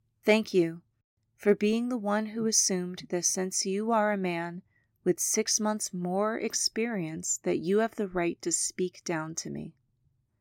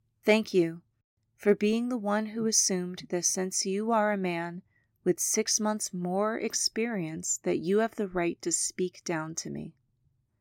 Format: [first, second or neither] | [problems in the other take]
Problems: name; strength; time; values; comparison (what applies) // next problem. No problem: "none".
neither | none